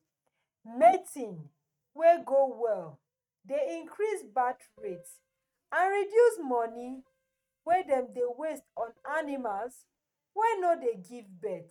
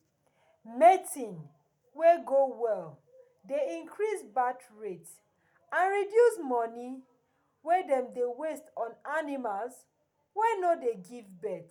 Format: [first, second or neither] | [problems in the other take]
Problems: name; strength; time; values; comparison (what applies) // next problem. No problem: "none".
second | noise reduction (neural mask model RNNoise)